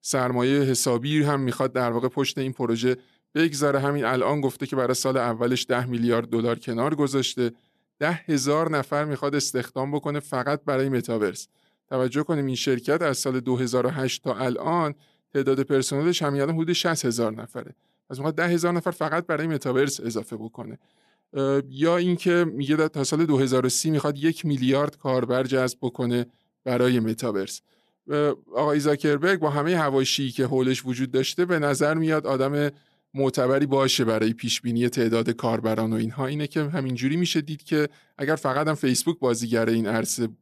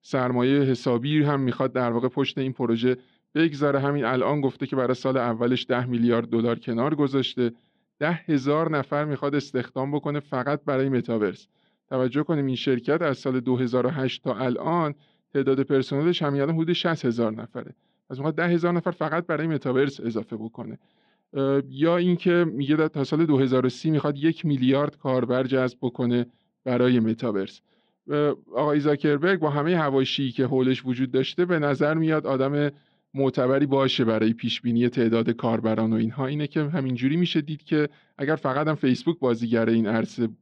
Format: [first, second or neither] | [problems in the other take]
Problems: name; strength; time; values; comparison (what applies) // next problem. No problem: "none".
first | muffled; slightly; fading above 3.5 kHz